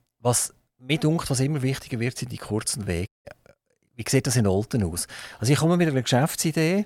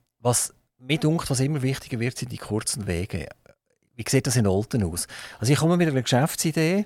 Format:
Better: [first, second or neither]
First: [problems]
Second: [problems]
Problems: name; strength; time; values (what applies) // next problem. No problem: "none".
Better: second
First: audio cutting out; at 3 s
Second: none